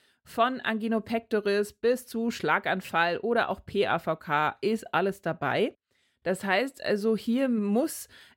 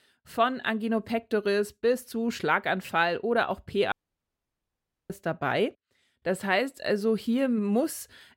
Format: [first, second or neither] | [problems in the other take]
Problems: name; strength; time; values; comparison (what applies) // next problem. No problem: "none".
first | audio cutting out; at 4 s for 1 s